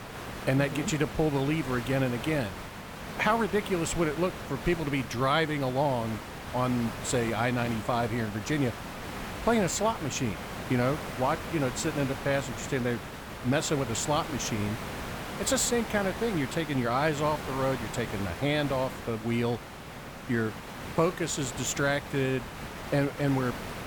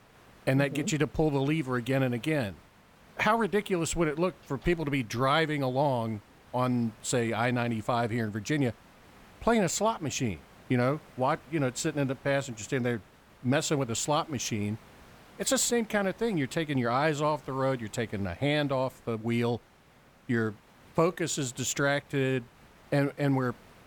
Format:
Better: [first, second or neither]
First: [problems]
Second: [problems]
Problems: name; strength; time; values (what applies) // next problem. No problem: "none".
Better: second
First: hiss; loud; throughout; 9 dB below the speech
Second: hiss; faint; throughout; 25 dB below the speech